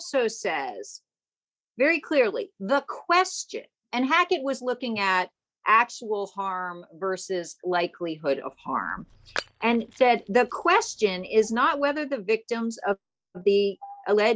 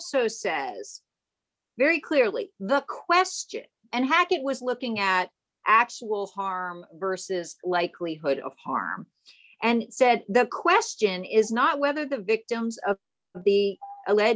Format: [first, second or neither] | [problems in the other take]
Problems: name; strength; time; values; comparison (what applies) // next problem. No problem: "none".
second | noise reduction (neural mask model DeepFilterNet 3)